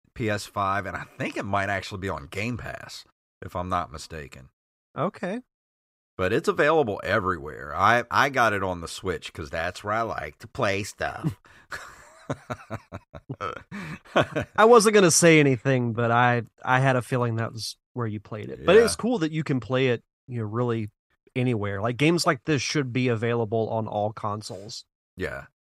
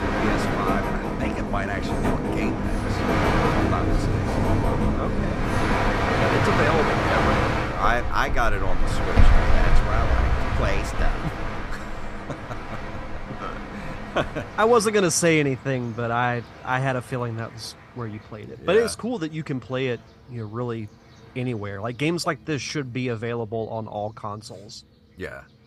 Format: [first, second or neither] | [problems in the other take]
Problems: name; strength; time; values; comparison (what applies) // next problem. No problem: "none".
first | train or aircraft noise; very loud; throughout; 2 dB above the speech